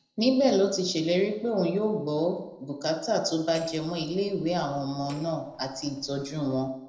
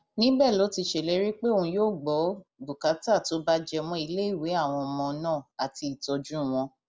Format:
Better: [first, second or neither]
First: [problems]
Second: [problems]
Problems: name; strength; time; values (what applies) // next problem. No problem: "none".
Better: second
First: noise reduction (neural separator model SepFormer DNS4)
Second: none